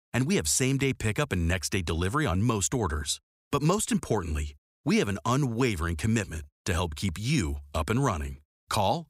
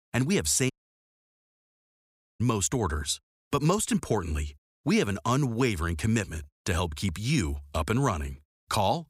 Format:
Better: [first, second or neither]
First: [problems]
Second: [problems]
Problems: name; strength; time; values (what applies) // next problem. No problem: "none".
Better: first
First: none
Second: audio cutting out; at 0.5 s for 1.5 s